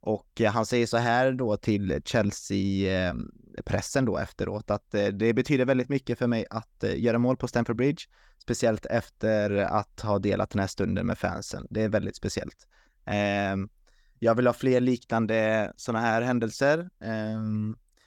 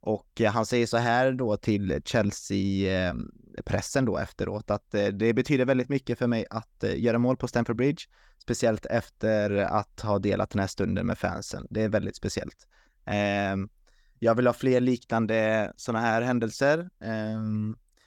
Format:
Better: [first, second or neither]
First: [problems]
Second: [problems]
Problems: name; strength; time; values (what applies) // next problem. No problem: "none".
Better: neither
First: none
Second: none